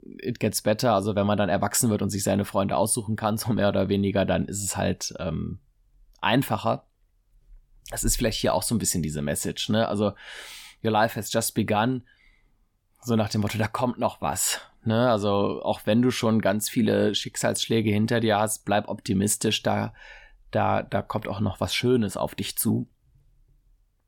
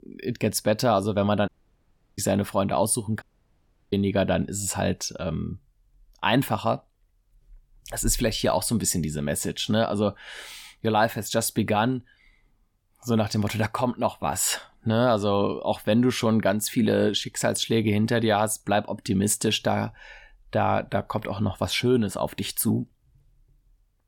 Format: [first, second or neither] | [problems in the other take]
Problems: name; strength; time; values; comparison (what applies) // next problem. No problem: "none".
first | audio cutting out; at 1.5 s for 0.5 s and at 3 s for 0.5 s